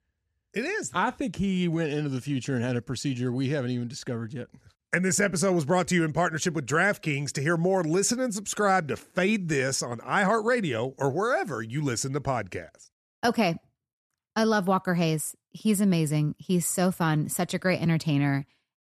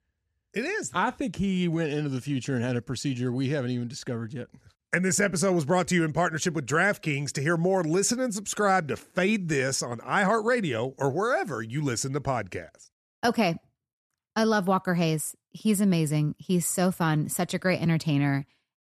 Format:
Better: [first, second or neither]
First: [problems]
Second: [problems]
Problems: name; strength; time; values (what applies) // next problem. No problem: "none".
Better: neither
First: none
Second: none